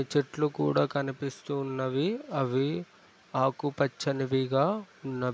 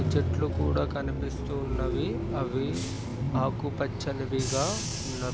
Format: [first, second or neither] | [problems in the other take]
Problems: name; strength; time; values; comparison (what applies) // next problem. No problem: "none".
first | background sound (Bus / Engine); 2 dB above the speech